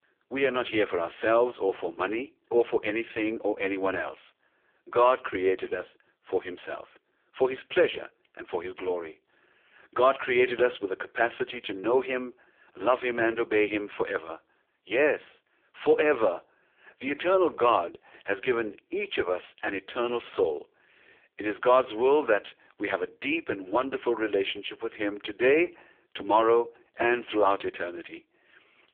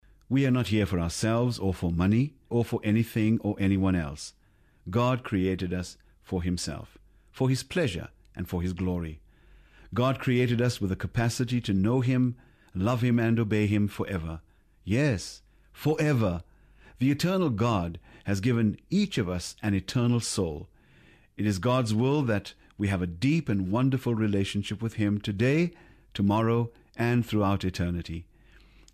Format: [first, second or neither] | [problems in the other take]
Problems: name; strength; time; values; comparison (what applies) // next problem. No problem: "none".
second | phone-call audio; poor line